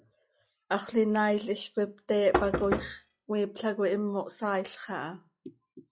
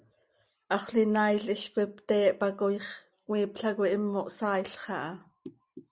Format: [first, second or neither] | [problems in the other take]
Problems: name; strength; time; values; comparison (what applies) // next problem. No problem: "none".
second | noise reduction (classical method log-MMSE)